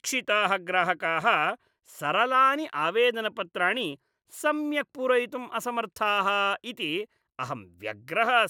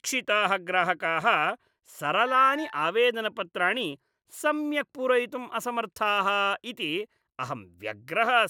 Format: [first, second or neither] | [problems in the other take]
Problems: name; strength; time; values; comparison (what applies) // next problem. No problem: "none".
first | background sound (Wind instrument, woodwind instrument); 16 dB below the speech